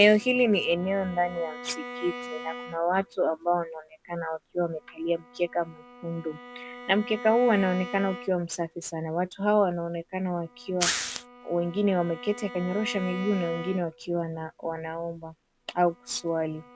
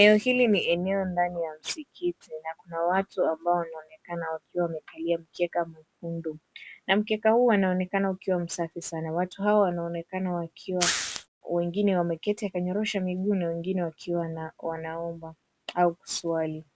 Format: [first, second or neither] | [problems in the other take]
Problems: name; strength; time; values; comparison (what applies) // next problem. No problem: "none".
second | background sound (Bowed string instrument); 15 dB below the speech